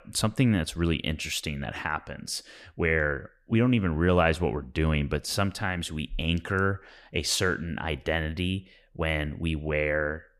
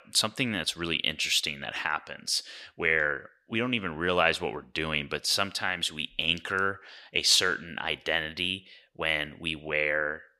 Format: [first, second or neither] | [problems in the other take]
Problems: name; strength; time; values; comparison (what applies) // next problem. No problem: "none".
first | thin; somewhat; fading below 1 kHz